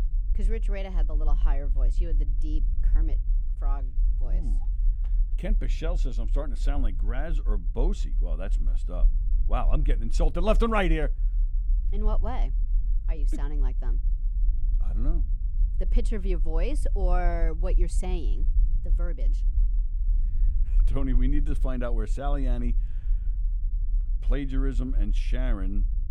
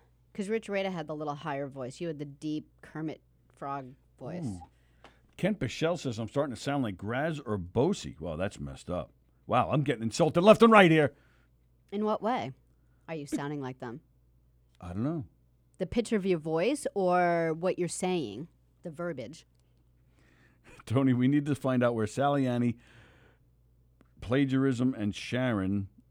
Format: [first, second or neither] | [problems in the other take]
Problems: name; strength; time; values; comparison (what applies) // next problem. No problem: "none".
second | low rumble; noticeable; throughout; 20 dB below the speech